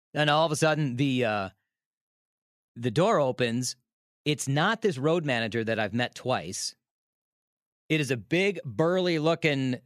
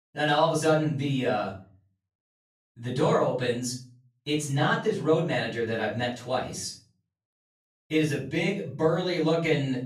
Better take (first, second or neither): first